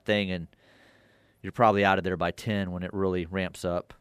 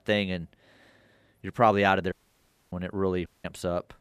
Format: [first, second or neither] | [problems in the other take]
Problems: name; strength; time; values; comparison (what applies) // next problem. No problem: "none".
first | audio cutting out; at 2 s for 0.5 s and at 3.5 s